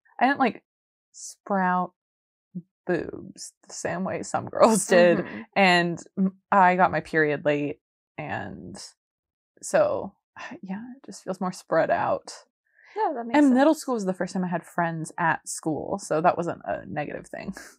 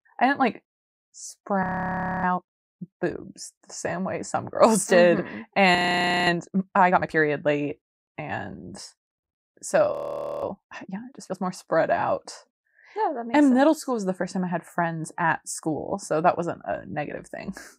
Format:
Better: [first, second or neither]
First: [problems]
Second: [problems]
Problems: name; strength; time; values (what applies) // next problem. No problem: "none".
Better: first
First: none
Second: audio freezing; at 1.5 s for 0.5 s, at 6 s for 0.5 s and at 10 s for 0.5 s